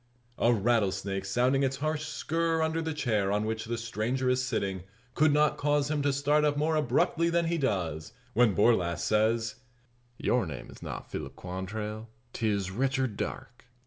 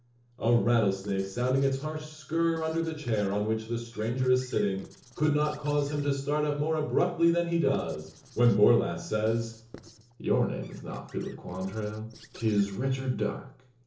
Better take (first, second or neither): first